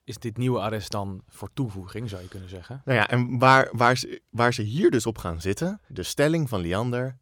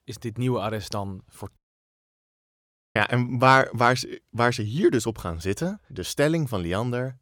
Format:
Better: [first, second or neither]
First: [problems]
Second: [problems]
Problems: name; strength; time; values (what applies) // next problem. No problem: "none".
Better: first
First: none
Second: audio cutting out; at 1.5 s for 1.5 s